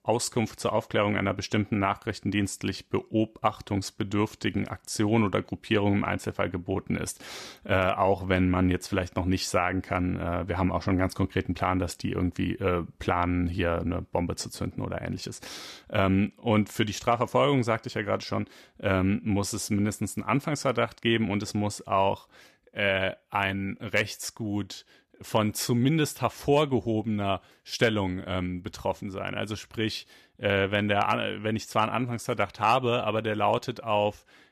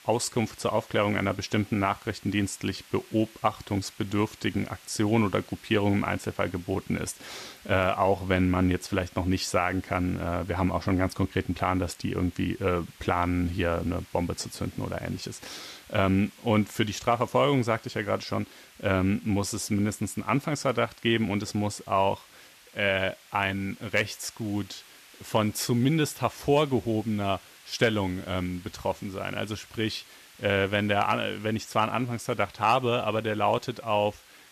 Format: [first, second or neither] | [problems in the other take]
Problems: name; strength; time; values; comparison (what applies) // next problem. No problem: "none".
first | hiss; faint; throughout; 25 dB below the speech